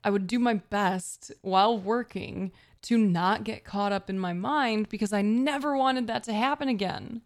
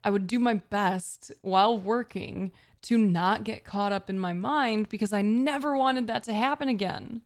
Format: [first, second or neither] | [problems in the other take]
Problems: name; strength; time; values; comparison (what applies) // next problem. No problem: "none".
first | garbled, watery; slightly; nothing above 17.5 kHz